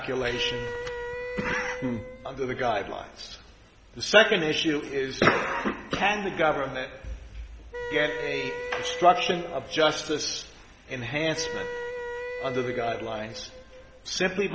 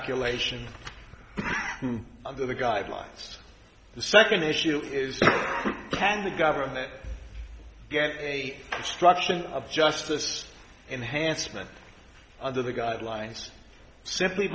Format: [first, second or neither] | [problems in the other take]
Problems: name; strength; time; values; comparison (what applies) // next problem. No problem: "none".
second | background sound (Wind instrument, woodwind instrument); 8 dB below the speech